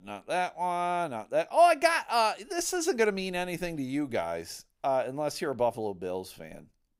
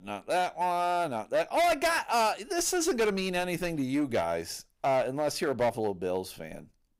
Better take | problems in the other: first | distortion; heavy; 10% of the sound clipped

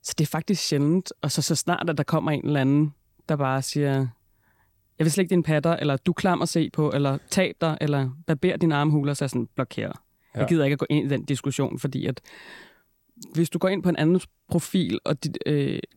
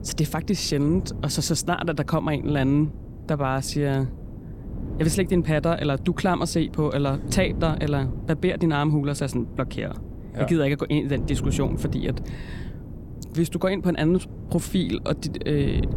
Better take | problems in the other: first | wind noise on the microphone; occasional gusts; 15 dB below the speech

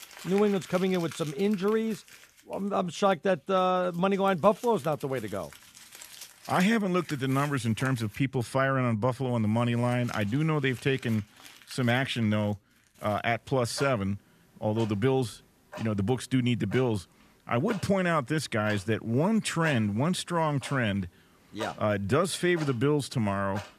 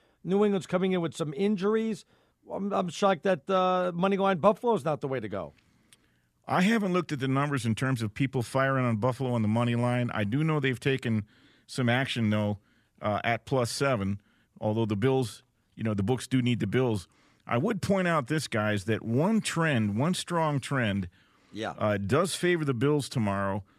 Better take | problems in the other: second | household noises; noticeable; throughout; 20 dB below the speech

